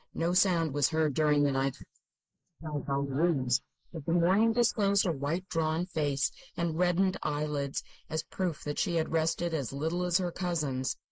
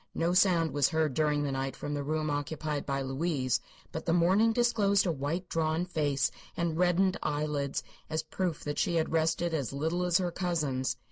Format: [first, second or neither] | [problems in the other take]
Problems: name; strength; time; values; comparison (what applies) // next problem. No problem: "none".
second | noise reduction (neural mask model Resemble Enhance denoiser)